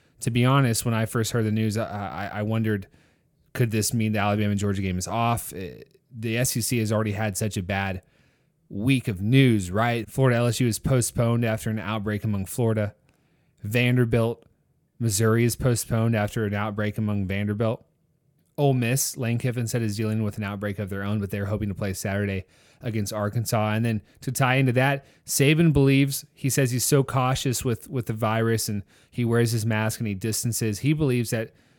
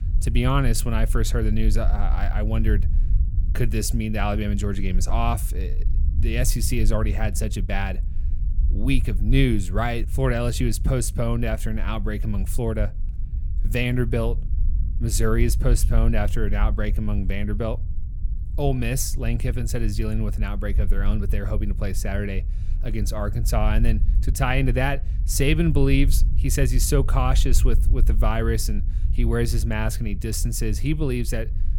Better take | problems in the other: first | low rumble; noticeable; throughout; 15 dB below the speech

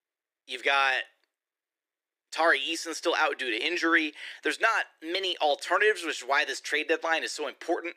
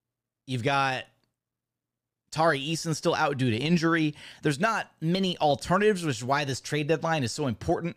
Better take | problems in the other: second | thin; very; fading below 350 Hz

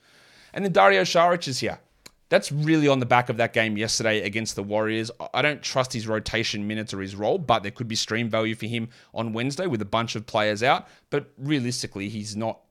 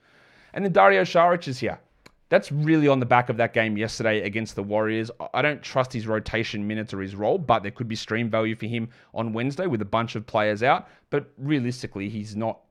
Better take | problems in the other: first | muffled; slightly; fading above 3.5 kHz

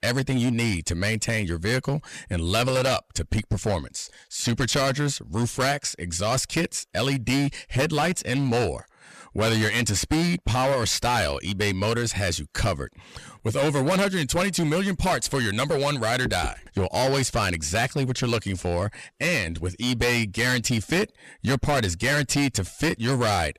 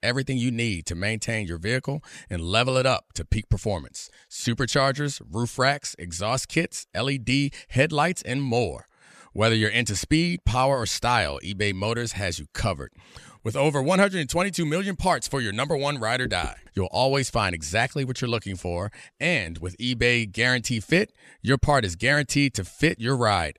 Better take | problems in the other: second | distortion; heavy; 14% of the sound clipped

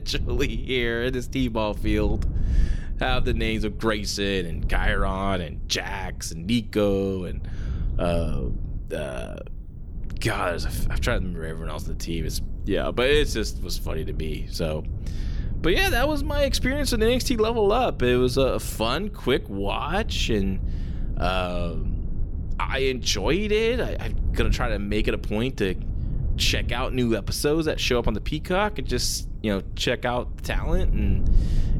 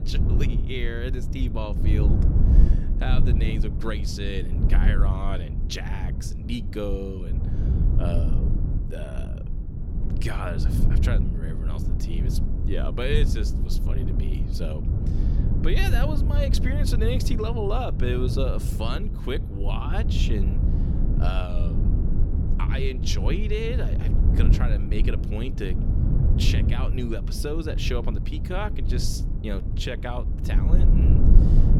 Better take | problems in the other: first | low rumble; loud; throughout; 5 dB below the speech; faint in the first

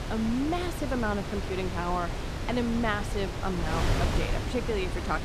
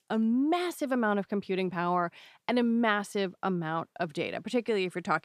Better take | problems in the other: second | wind noise on the microphone; heavy; 3 dB below the speech

